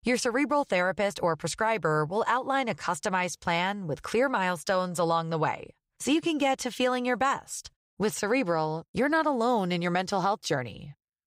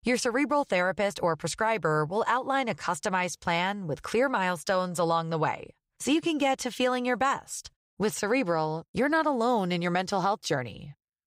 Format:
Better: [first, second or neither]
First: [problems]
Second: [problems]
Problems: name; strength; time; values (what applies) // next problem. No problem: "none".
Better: neither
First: none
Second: none